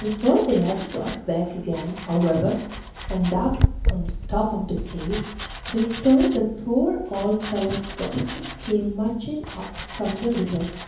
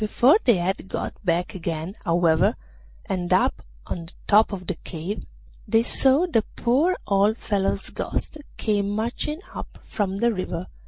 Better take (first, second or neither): second